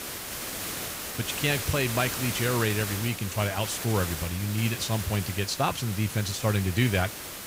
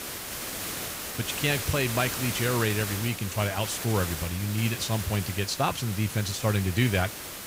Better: neither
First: hiss; loud; throughout; 5 dB below the speech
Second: hiss; loud; throughout; 5 dB below the speech

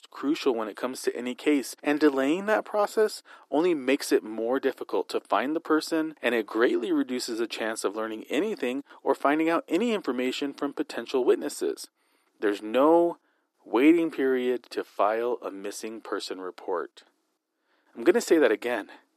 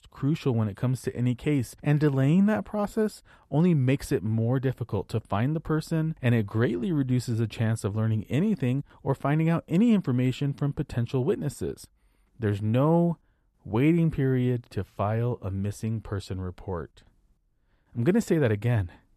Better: second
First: thin; somewhat; fading below 300 Hz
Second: none

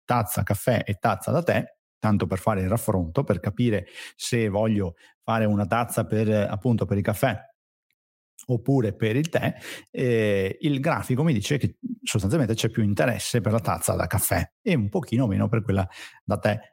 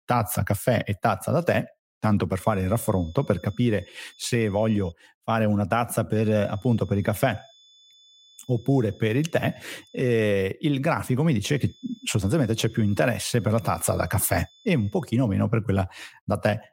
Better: first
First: none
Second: high-pitched whine; faint; from 2.5 to 5 s, from 6 to 10 s and from 11 to 15 s; 3.5 kHz, 30 dB below the speech

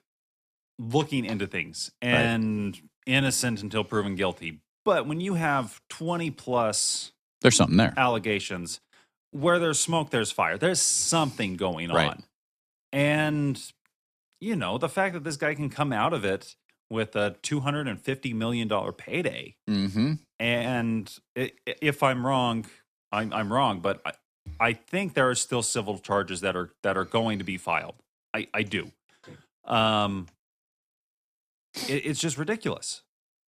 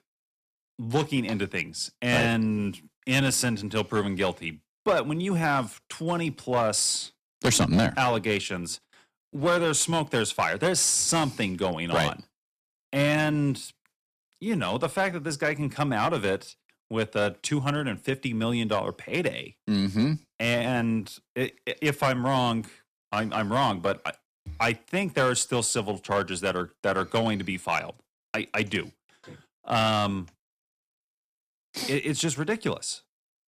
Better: first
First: none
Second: distortion; slight; 3% of the sound clipped

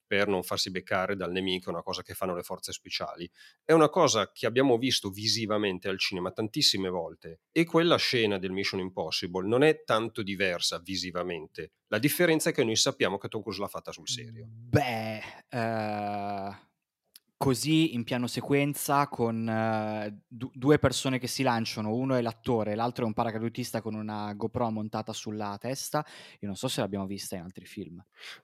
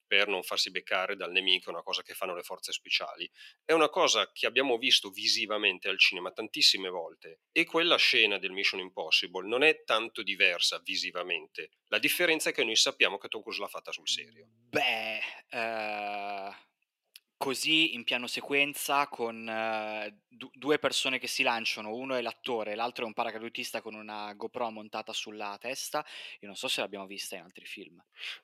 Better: first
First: none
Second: thin; somewhat; fading below 400 Hz

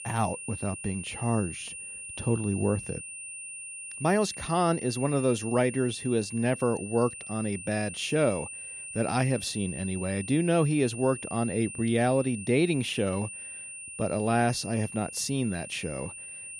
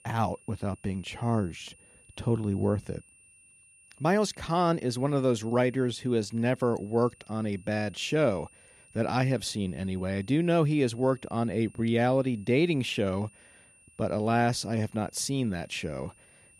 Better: second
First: high-pitched whine; loud; throughout; 9 kHz, 10 dB below the speech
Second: high-pitched whine; faint; throughout; 9 kHz, 30 dB below the speech

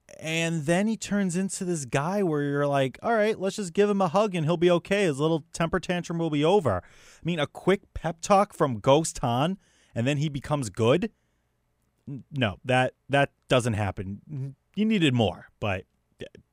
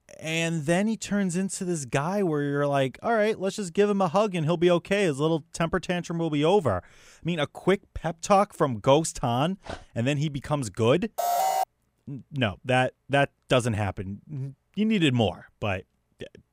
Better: first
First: none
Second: dog barking; faint; at 9.5 s; peak 15 dB below the speech // alarm; loud; at 11 s; peak 1 dB above the speech

